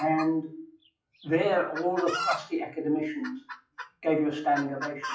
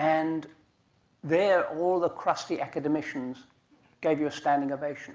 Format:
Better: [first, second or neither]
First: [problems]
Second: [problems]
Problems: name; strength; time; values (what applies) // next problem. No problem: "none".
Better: second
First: noise reduction (classical method WPE with log-MMSE)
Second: none